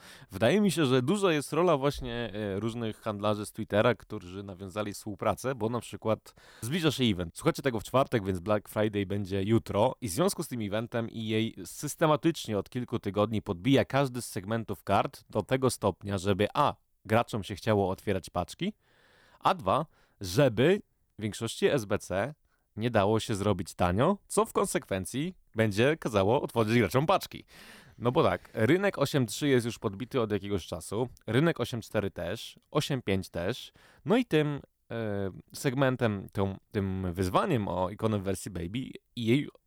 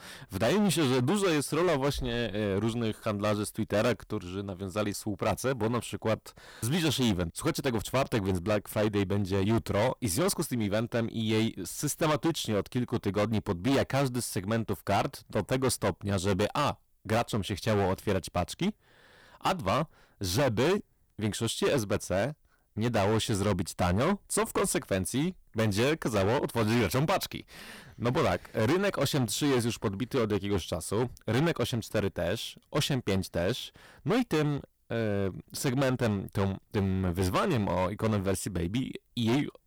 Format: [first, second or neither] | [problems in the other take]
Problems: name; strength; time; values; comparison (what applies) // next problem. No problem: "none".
first | distortion; heavy; 14% of the sound clipped